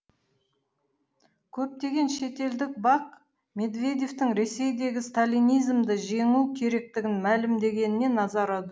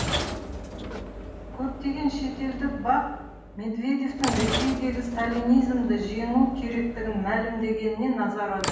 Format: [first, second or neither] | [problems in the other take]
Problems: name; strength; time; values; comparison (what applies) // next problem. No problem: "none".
first | background sound (Sliding door / Train); 7 dB below the speech // room echo; dies away in 0.9 s